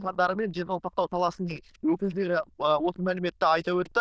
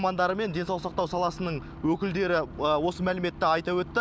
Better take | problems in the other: second | noise reduction (neural diffusion model UNIVERSE++)

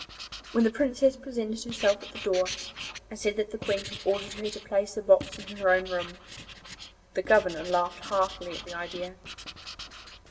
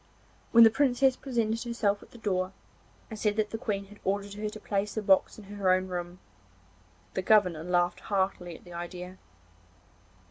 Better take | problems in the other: second | background sound (Writing); 13 dB below the speech // room echo; dies away in 1.3 s

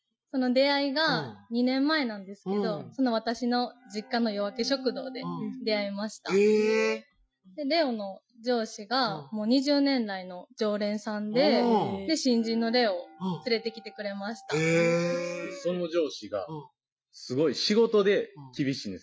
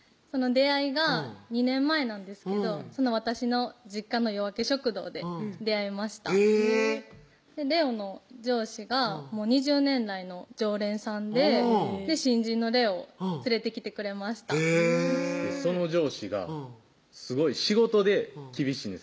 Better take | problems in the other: second | noise reduction (classical method Wiener filter)

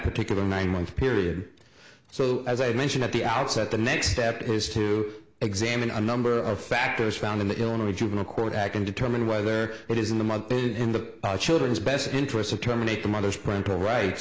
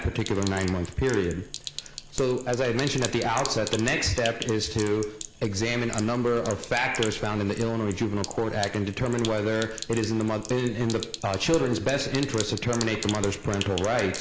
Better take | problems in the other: first | background sound (Sink (filling or washing)); 12 dB below the speech

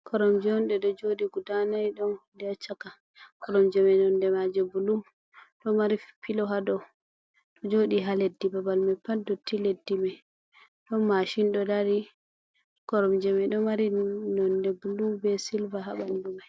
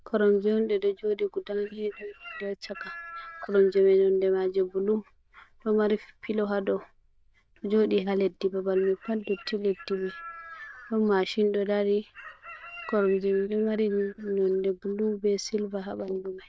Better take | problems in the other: first | noise reduction (neural diffusion model UNIVERSE++)

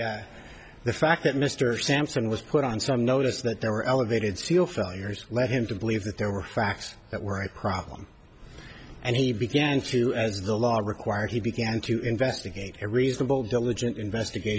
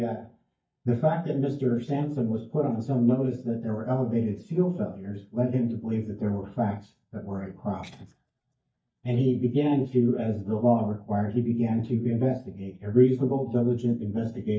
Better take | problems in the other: first | noise reduction (neural mask model DeepFilterNet 3)

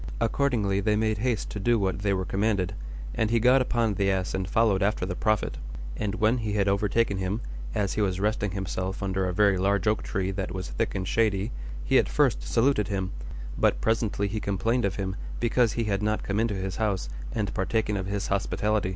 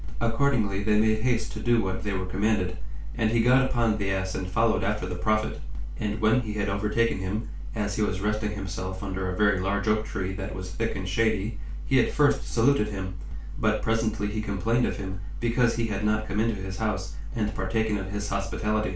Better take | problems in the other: first | room echo; dies away in 0.3 s

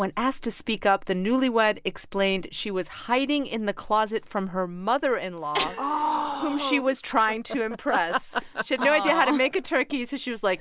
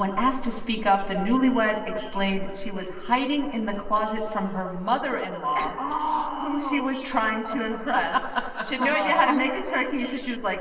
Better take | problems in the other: first | noise reduction (neural separator model SepFormer DNS4)

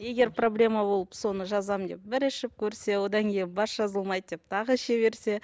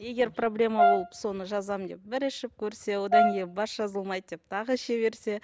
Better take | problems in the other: first | background sound (Brass instrument); 2 dB above the speech

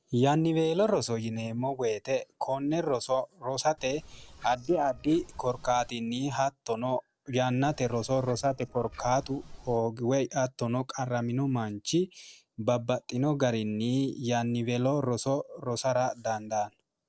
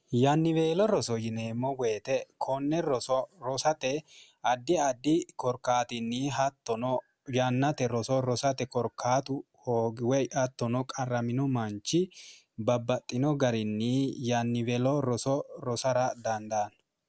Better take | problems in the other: second | noise reduction (neural separator model SepFormer DNS4)

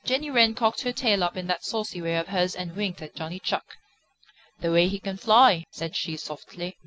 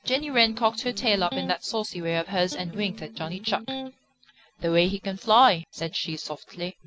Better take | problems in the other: first | background sound (Electric guitar); 12 dB below the speech

